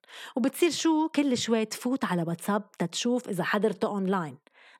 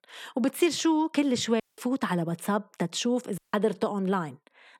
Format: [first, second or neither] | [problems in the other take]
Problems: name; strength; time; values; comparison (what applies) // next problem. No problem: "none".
first | audio cutting out; at 1.5 s and at 3.5 s